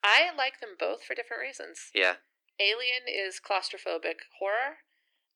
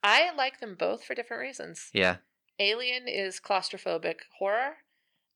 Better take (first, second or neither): second